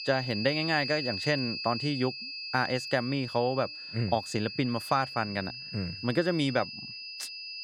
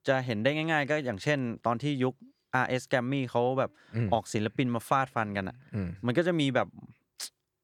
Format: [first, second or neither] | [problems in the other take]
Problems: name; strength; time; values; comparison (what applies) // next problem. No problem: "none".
second | high-pitched whine; loud; throughout; 5 kHz, 6 dB below the speech